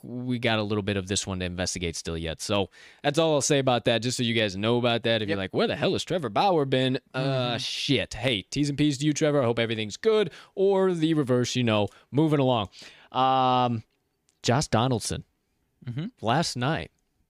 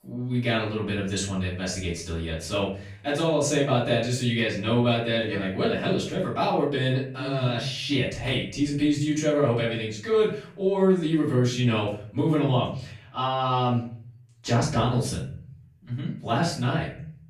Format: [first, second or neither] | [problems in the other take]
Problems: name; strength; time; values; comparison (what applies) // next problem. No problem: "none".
first | off-mic speech; far // room echo; noticeable; dies away in 0.5 s